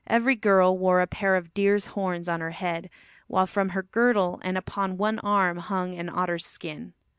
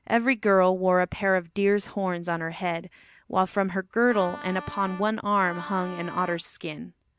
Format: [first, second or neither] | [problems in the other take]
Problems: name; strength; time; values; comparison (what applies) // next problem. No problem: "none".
first | background sound (Wind instrument, woodwind instrument); 15 dB below the speech